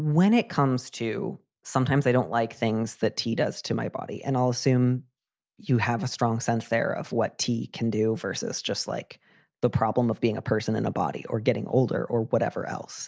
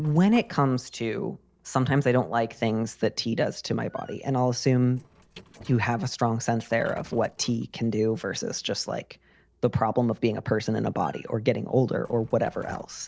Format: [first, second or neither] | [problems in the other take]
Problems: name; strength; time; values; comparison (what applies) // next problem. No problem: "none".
first | noise reduction (neural separator model SepFormer DNS4)